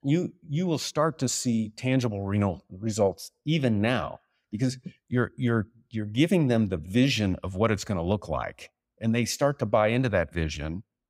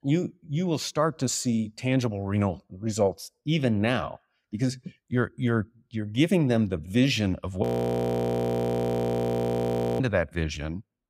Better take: first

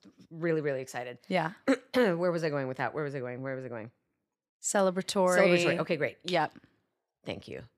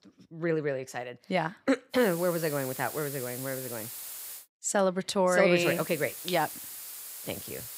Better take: first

